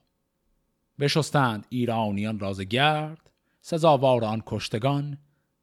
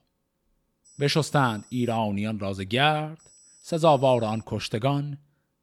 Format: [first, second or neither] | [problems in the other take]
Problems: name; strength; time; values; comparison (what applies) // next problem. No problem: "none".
first | high-pitched whine; faint; from 1 to 2 s and from 3 to 4.5 s; 8 kHz, 30 dB below the speech